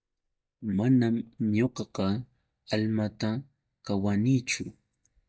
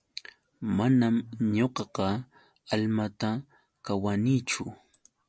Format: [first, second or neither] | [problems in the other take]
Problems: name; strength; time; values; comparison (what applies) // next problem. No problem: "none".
second | noise reduction (neural mask model DeepFilterNet 3)